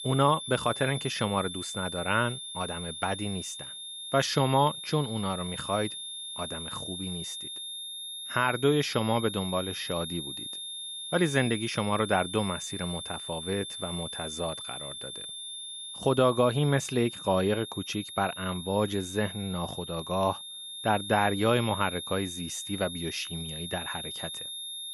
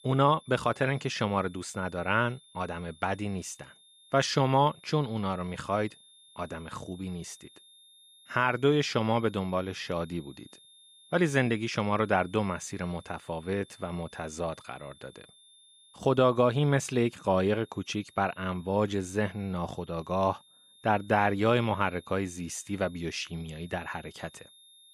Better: second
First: high-pitched whine; loud; throughout; 3.5 kHz, 7 dB below the speech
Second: high-pitched whine; faint; throughout; 3.5 kHz, 25 dB below the speech

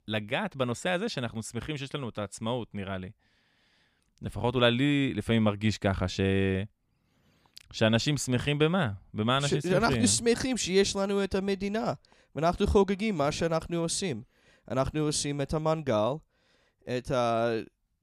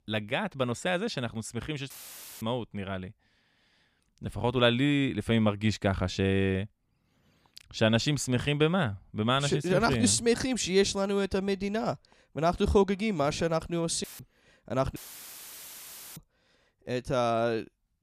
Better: first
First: none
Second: audio cutting out; filled with static; at 2 s for 0.5 s, at 14 s and at 15 s for 1 s

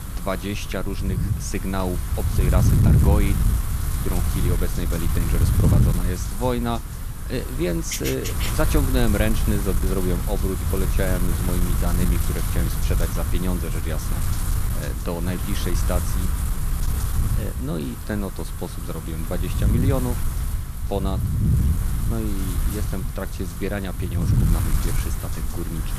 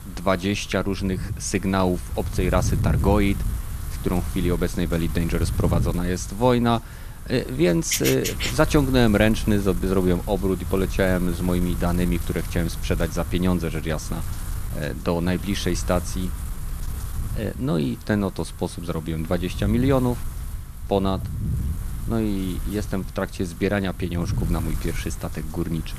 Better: second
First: wind noise on the microphone; heavy; 4 dB below the speech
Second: wind noise on the microphone; occasional gusts; 15 dB below the speech

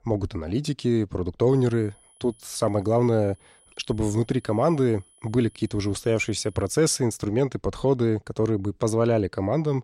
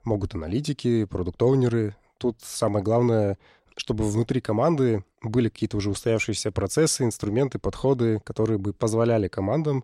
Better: second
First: high-pitched whine; faint; from 1.5 to 6.5 s; 10.5 kHz, 30 dB below the speech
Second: none

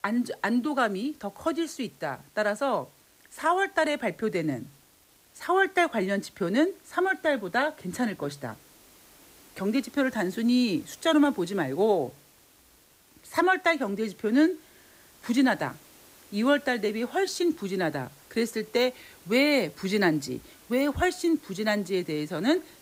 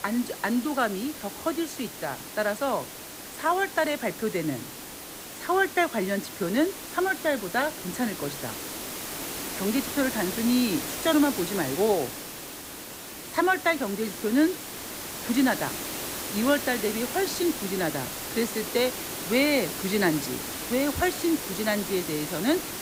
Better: first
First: hiss; faint; throughout; 25 dB below the speech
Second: hiss; loud; throughout; 7 dB below the speech

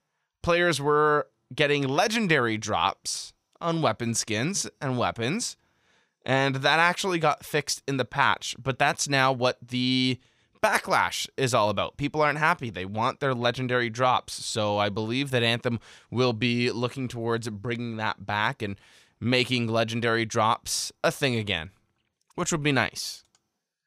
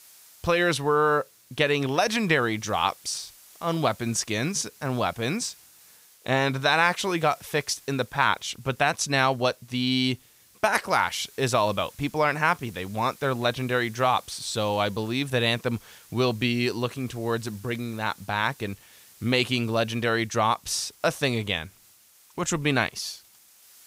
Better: first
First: none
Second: hiss; faint; throughout; 25 dB below the speech

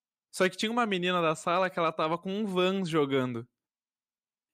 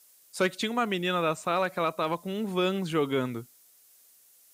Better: first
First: none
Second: hiss; faint; throughout; 25 dB below the speech

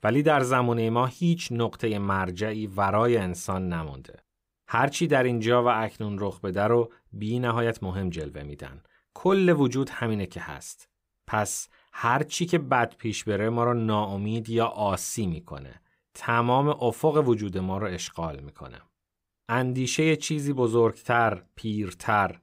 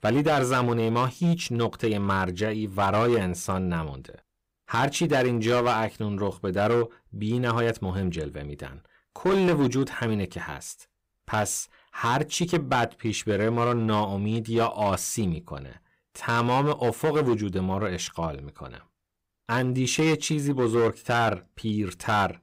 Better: first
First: none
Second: distortion; slight; 7% of the sound clipped

